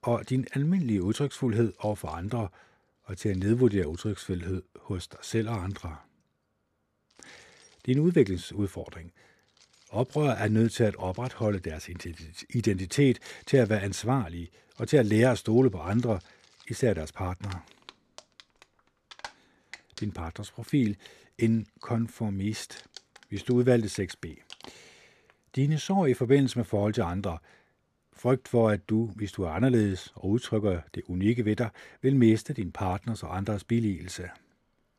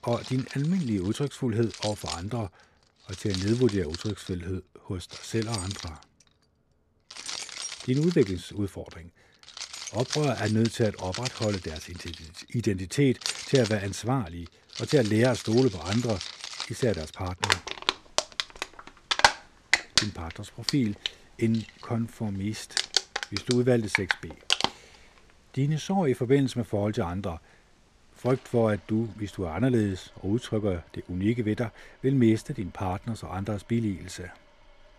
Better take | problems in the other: first | household noises; loud; throughout; 3 dB below the speech; faint in the first

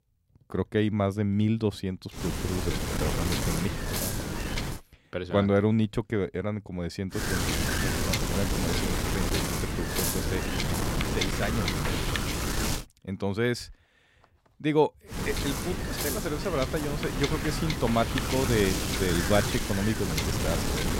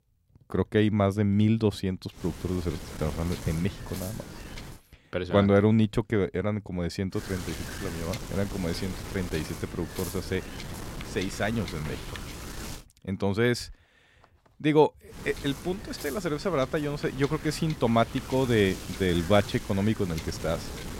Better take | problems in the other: second | wind noise on the microphone; heavy; from 2 to 5 s, from 7 to 13 s and from 15 s on; 1 dB above the speech; occasional gusts in the second

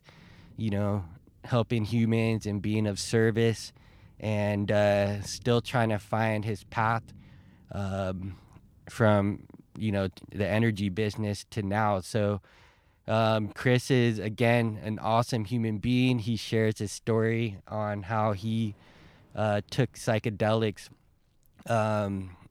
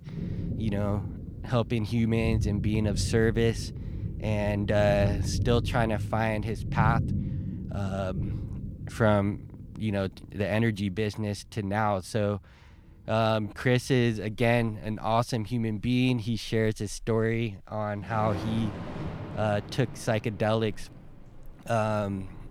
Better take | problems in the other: first | rain or running water; loud; throughout; 6 dB below the speech; faint in the first

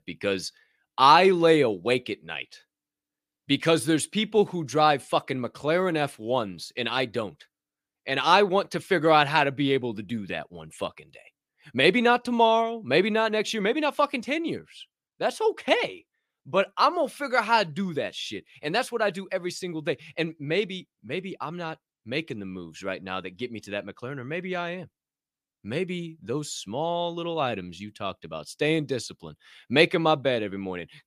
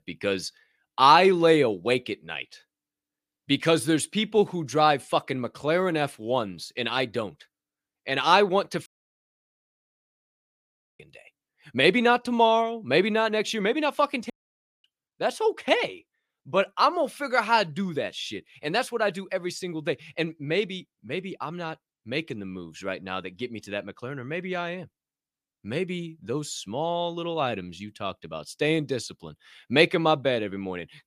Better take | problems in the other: first | audio cutting out; at 9 s for 2 s and at 14 s for 0.5 s

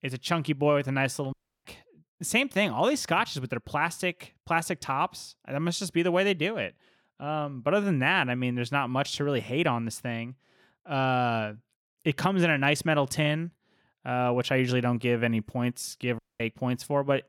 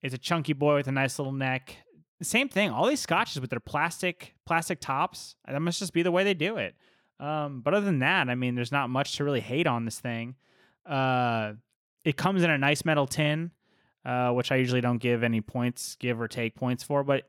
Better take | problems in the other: second | audio cutting out; at 1.5 s and at 16 s

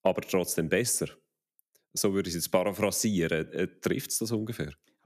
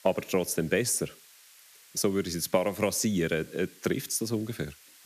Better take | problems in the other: first | hiss; faint; throughout; 25 dB below the speech

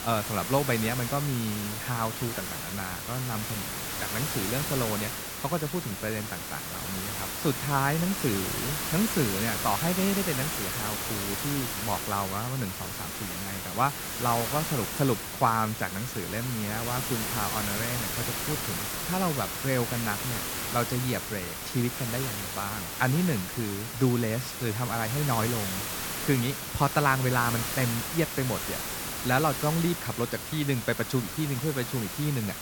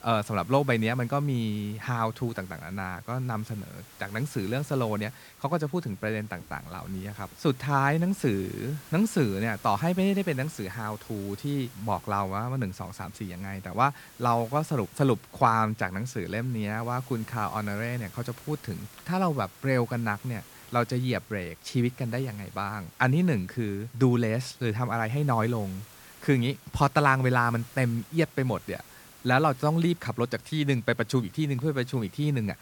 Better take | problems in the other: second | hiss; loud; throughout; 2 dB below the speech; faint in the second

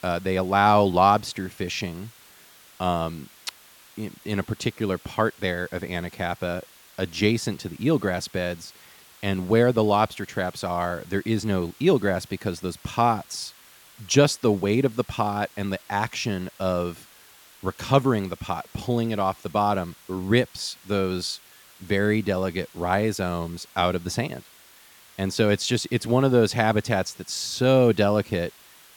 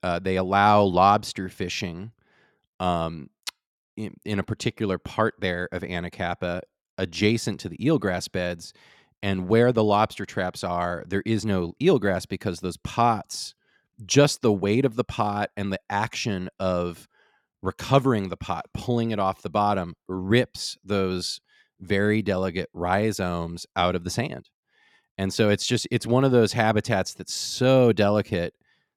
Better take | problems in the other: second | hiss; faint; throughout; 25 dB below the speech

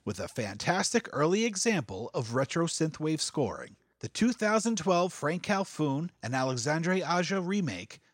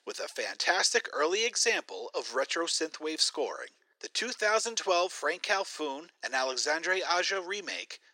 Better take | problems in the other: first | thin; very; fading below 350 Hz

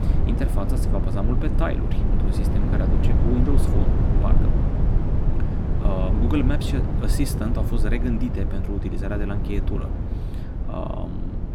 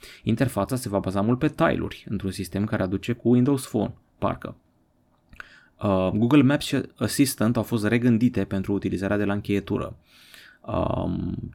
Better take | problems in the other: second | low rumble; loud; throughout; 2 dB below the speech

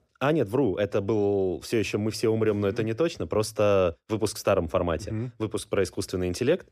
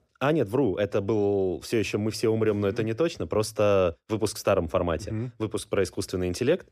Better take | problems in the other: neither | none

